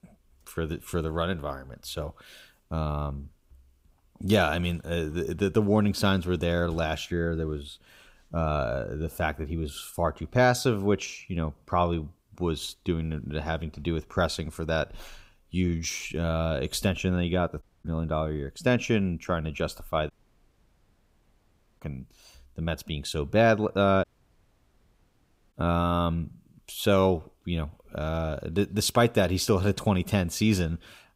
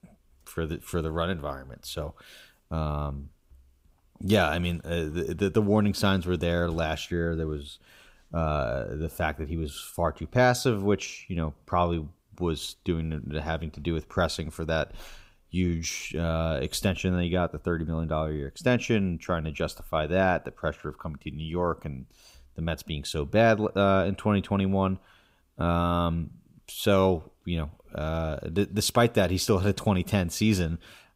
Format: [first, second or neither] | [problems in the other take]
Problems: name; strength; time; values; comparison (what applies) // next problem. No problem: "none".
second | audio cutting out; at 18 s, at 20 s for 1.5 s and at 24 s for 1.5 s